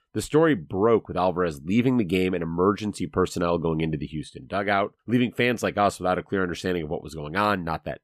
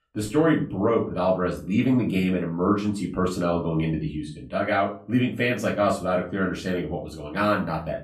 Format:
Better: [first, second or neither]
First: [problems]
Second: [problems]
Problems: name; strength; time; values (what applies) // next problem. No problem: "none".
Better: first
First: none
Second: off-mic speech; far // room echo; slight; dies away in 0.3 s